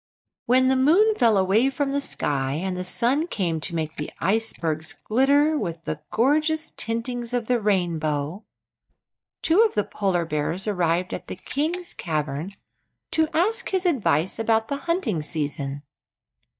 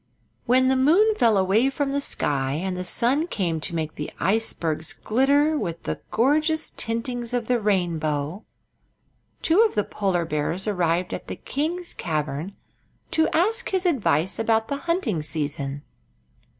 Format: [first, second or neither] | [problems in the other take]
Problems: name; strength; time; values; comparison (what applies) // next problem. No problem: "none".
second | noise reduction (neural mask model DeepFilterNet 3)